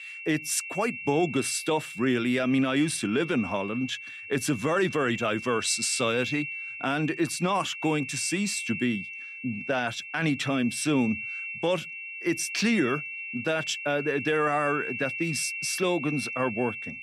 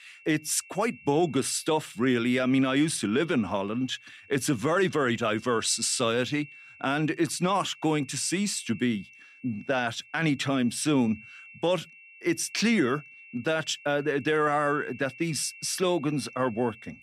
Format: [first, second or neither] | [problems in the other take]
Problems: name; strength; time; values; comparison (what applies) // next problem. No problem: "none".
second | high-pitched whine; loud; throughout; 2.5 kHz, 7 dB below the speech; faint in the second